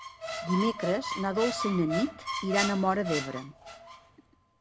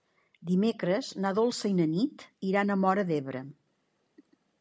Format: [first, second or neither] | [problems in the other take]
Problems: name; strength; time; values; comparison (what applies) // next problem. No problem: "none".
second | background sound (Squeak); 5 dB below the speech